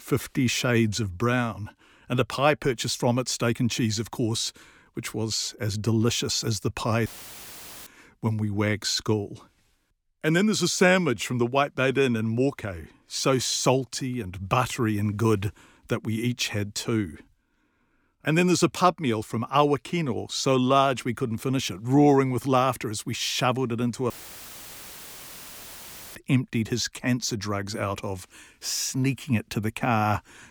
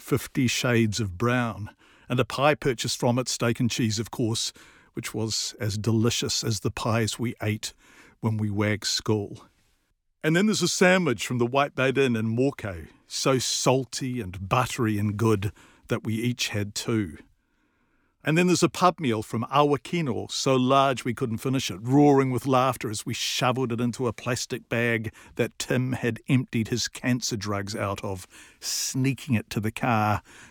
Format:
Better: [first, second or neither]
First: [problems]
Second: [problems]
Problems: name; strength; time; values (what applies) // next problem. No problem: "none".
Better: second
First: audio cutting out; filled with static; at 7 s for 1 s and at 24 s for 2 s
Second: none